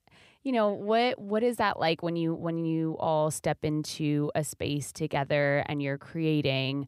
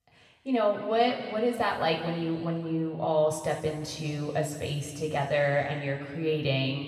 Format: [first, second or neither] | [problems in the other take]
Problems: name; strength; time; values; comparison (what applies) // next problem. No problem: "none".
first | room echo; noticeable; dies away in 2.2 s // off-mic speech; somewhat distant